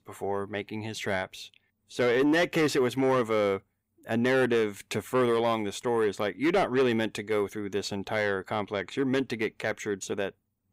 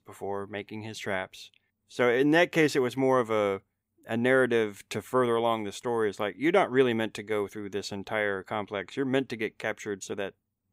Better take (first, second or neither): second